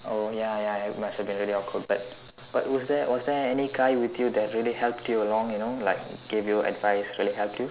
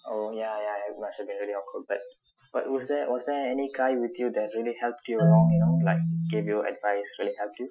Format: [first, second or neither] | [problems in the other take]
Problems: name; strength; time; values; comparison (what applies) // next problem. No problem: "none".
first | noise reduction (classical method Wiener filter)